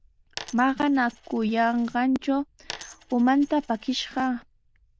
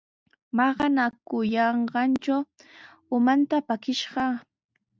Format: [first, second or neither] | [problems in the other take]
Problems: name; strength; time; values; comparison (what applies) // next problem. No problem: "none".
second | noise reduction (neural diffusion model UNIVERSE++)